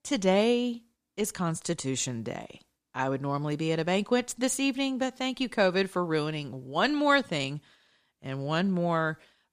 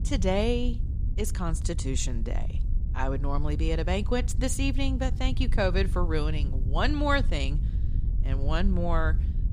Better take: first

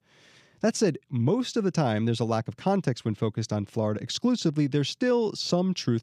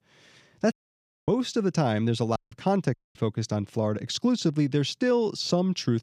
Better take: first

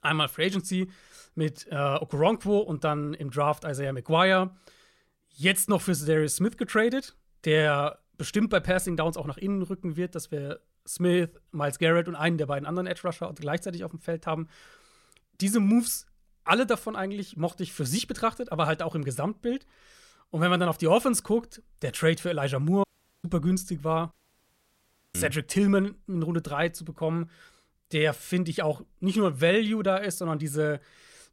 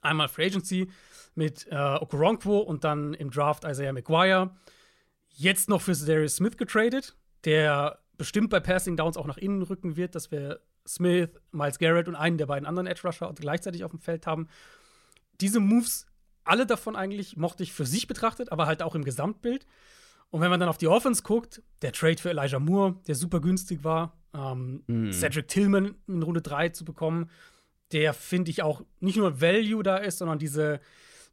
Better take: second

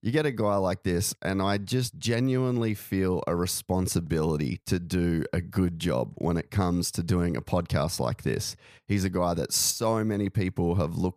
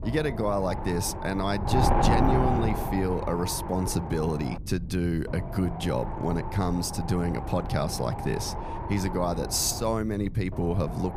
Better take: first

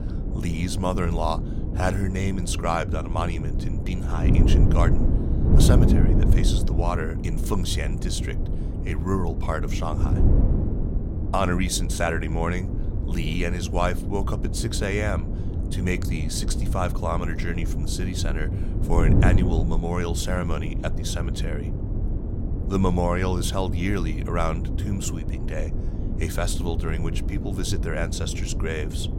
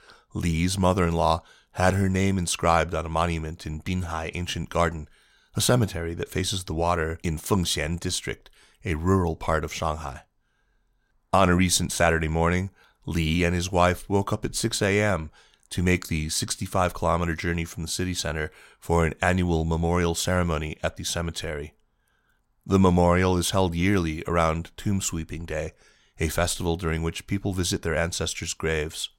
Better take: second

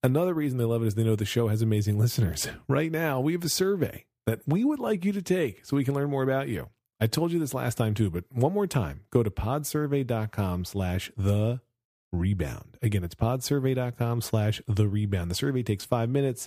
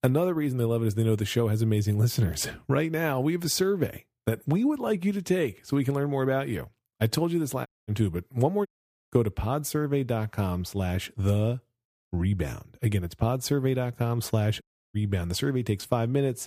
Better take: first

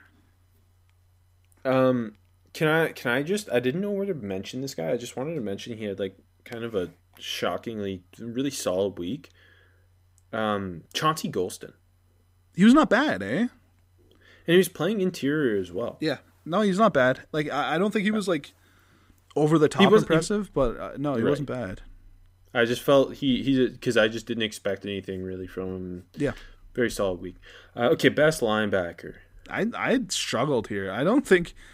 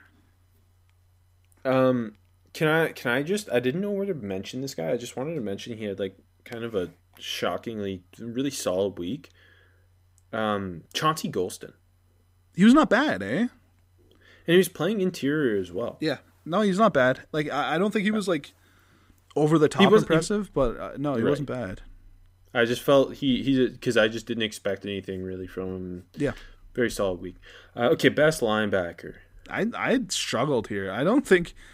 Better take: neither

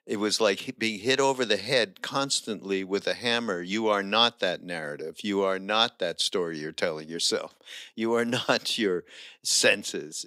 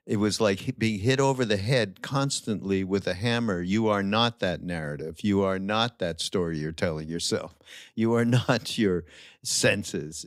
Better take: second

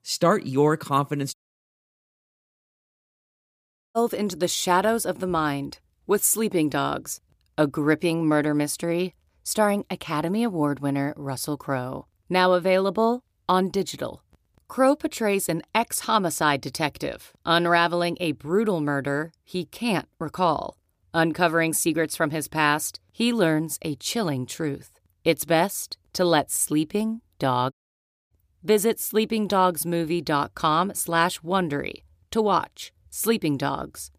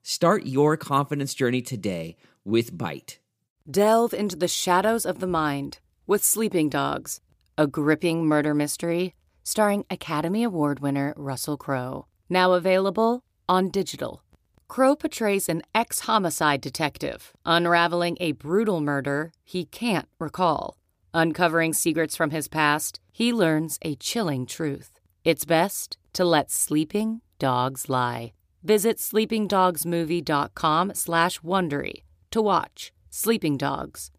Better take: second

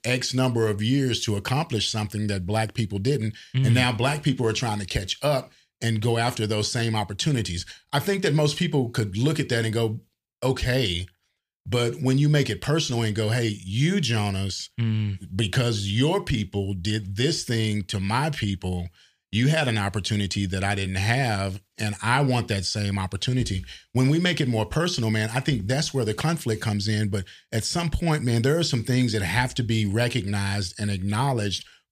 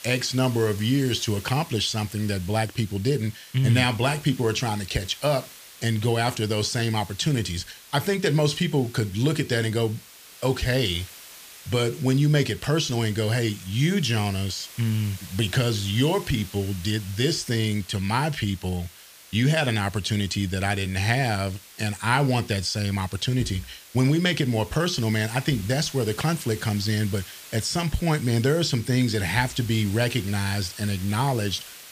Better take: first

